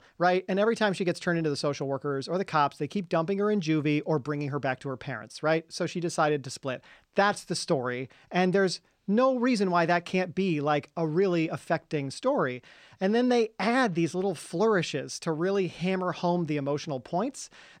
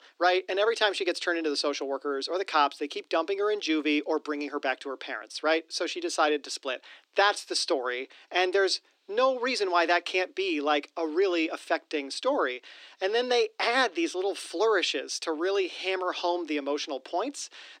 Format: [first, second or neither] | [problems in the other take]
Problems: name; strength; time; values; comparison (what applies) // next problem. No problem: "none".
first | thin; somewhat; fading below 300 Hz